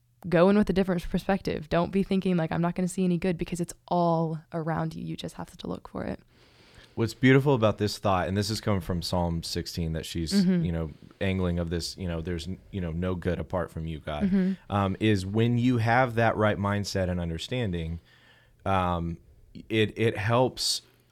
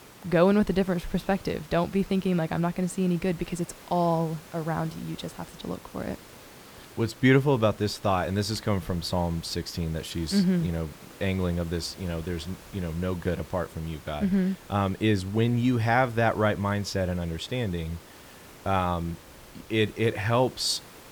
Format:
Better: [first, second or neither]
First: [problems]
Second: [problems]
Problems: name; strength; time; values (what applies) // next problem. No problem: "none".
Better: first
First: none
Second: hiss; faint; throughout; 20 dB below the speech